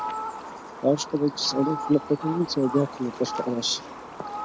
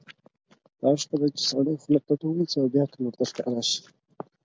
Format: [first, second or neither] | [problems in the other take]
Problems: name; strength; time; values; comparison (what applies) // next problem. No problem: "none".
second | background sound (Fowl); 9 dB below the speech